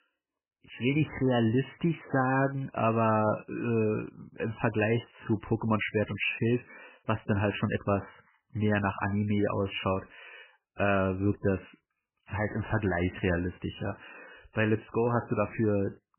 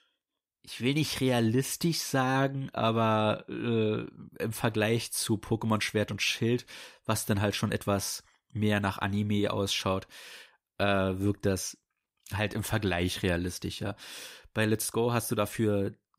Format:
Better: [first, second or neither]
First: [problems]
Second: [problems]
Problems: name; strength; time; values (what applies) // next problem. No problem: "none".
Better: second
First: garbled, watery; badly; nothing above 3 kHz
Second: none